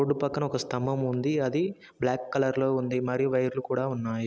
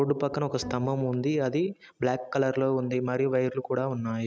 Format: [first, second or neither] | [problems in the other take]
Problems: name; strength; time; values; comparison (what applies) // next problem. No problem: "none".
first | noise reduction (neural mask model RNNoise)